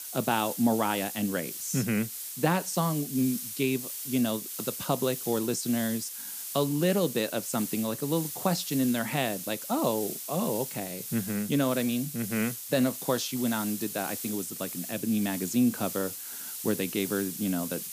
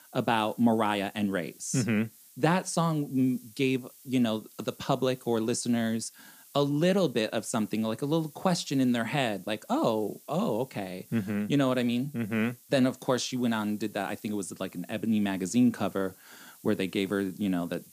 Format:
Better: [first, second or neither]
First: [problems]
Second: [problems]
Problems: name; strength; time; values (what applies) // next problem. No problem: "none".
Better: second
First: hiss; loud; throughout; 6 dB below the speech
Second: hiss; faint; throughout; 25 dB below the speech